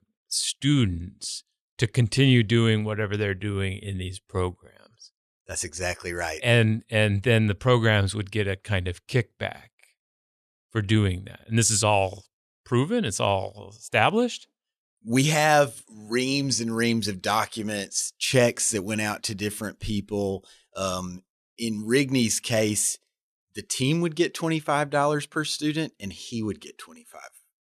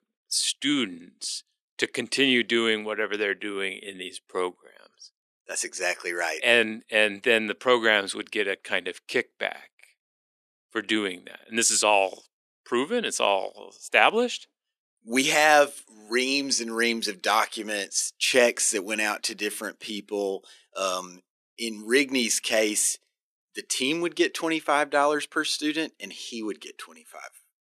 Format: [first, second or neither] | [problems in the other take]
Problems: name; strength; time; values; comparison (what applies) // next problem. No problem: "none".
first | thin; somewhat; fading below 250 Hz